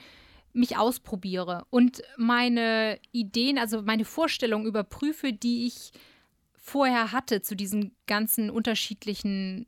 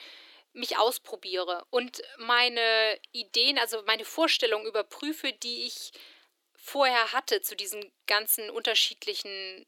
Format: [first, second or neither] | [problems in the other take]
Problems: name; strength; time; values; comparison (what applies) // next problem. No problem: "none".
first | thin; very; fading below 300 Hz